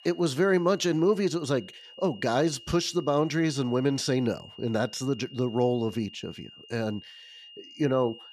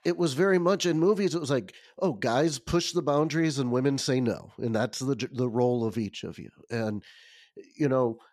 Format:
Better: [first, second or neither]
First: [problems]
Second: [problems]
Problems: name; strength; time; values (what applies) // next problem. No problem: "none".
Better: second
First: high-pitched whine; noticeable; throughout; 3 kHz, 20 dB below the speech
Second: none